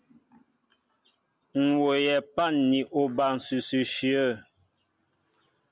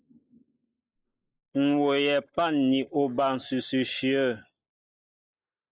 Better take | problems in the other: first | noise reduction (neural mask model Resemble Enhance denoiser)

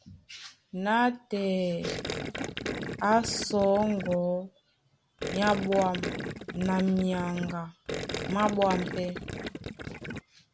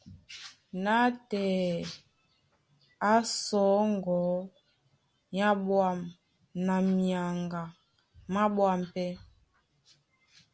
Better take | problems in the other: second | background sound (Gurgling); 6 dB below the speech

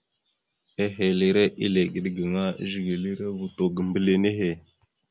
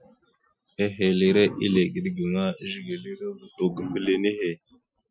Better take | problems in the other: first | noise reduction (classical method Wiener filter)

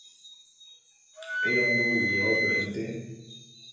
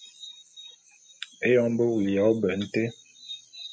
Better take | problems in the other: second | background sound (Wind instrument, woodwind instrument); 3 dB above the speech // room echo; dies away in 0.9 s

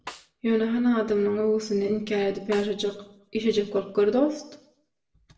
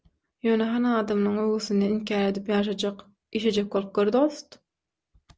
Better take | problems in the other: second | background sound (Snare drum); 18 dB below the speech // room echo; dies away in 0.6 s

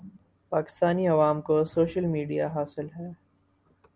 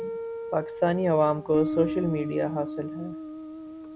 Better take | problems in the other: first | background sound (Guitar); 6 dB below the speech

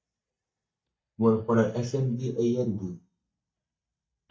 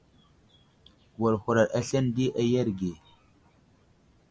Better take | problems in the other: second | noise reduction (neural mask model DeepFilterNet 3)

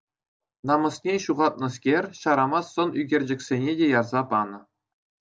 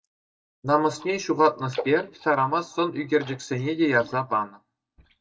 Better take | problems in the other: first | noise reduction (neural mask model DeepFilterNet 3)

